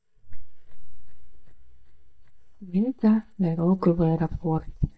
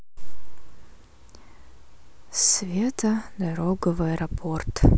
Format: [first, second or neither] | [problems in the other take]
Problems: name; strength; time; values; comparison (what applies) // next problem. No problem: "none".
second | noise reduction (neural mask model DeepFilterNet 3)